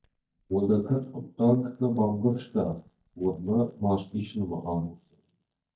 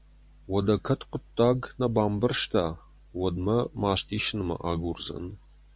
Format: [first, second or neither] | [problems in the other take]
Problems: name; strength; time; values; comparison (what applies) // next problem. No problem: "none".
second | noise reduction (neural mask model DeepFilterNet 3)